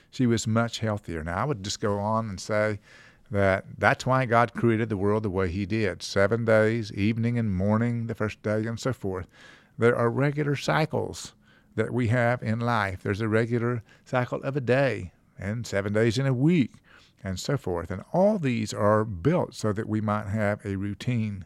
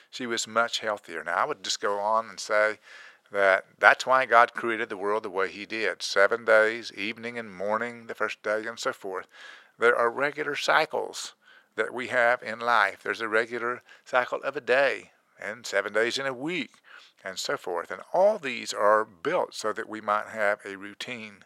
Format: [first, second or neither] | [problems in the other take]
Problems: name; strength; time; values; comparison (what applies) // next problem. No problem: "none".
first | thin; very; fading below 600 Hz